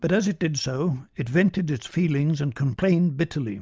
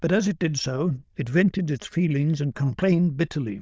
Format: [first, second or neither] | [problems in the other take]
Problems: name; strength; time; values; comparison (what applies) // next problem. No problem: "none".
first | noise reduction (neural diffusion model UNIVERSE++)